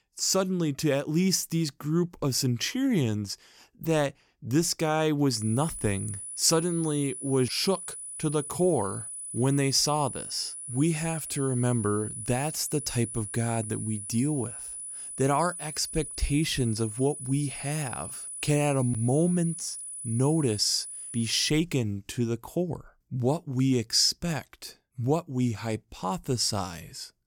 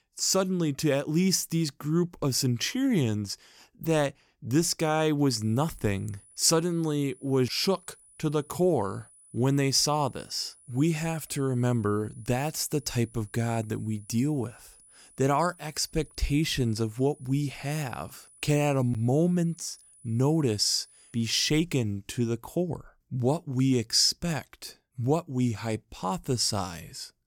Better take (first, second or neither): second